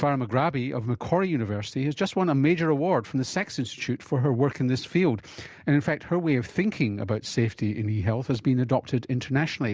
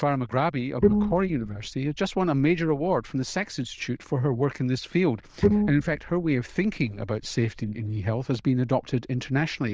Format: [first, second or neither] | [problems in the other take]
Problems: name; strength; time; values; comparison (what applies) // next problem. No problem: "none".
first | noise reduction (neural diffusion model UNIVERSE++)